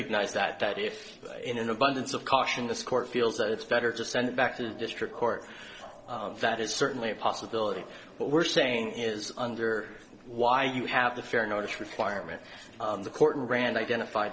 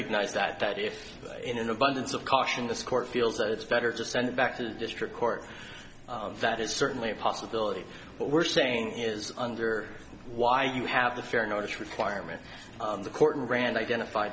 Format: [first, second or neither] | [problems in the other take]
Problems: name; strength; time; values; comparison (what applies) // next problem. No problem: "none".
second | noise reduction (neural separator model SepFormer DNS4)